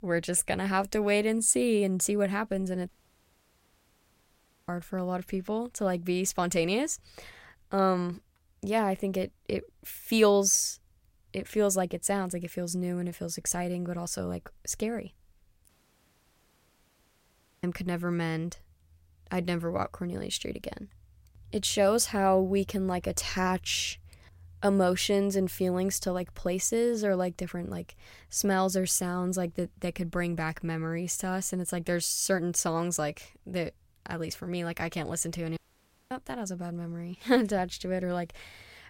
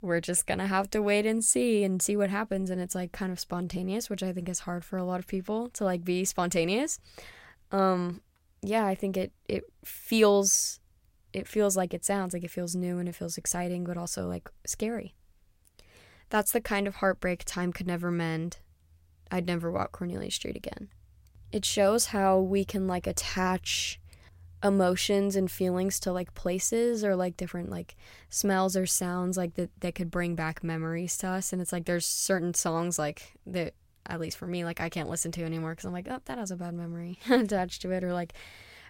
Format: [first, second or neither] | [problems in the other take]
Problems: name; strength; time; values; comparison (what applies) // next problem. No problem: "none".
second | audio cutting out; at 3 s for 2 s, at 16 s for 2 s and at 36 s for 0.5 s